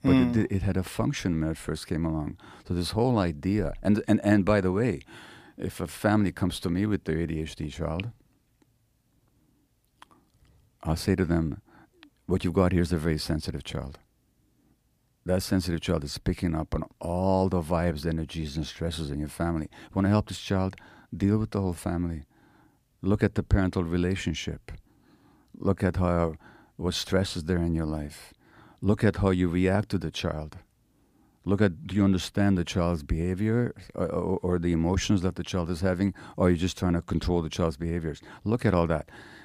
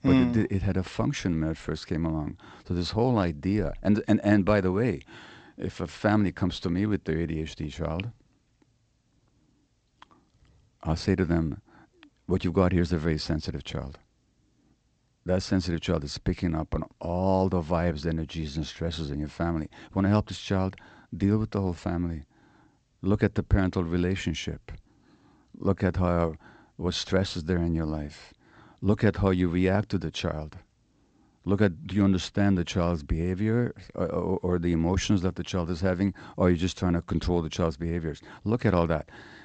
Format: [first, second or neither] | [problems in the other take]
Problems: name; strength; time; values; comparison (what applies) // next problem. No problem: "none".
first | garbled, watery; slightly; nothing above 7.5 kHz